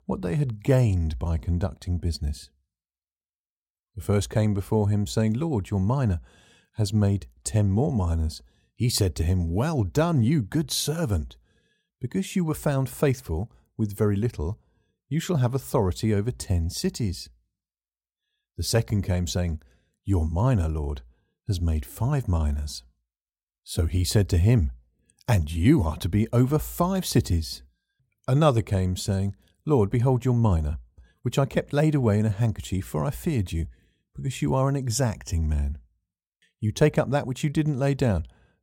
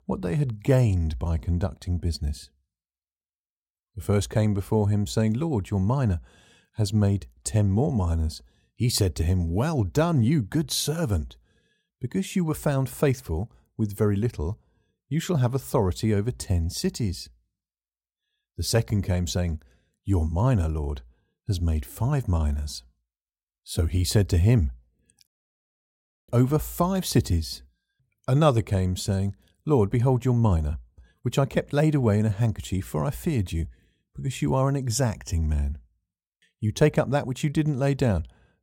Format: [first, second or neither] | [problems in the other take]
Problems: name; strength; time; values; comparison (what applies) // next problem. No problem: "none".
first | audio cutting out; at 25 s for 1 s